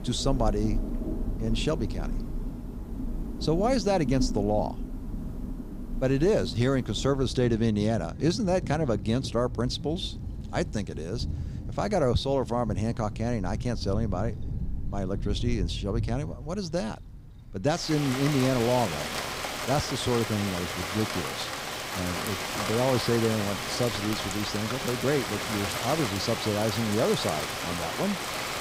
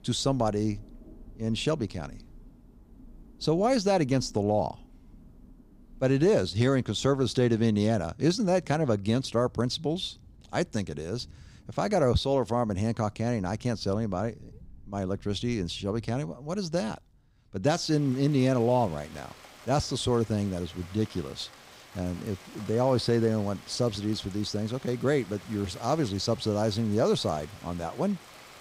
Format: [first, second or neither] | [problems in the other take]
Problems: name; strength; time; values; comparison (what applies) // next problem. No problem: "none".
second | rain or running water; loud; throughout; 5 dB below the speech; faint in the second